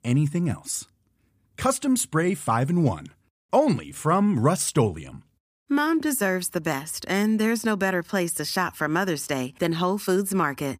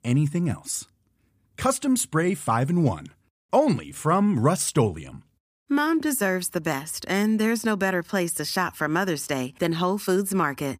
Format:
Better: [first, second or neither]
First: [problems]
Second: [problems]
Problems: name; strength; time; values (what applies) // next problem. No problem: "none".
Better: neither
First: none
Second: none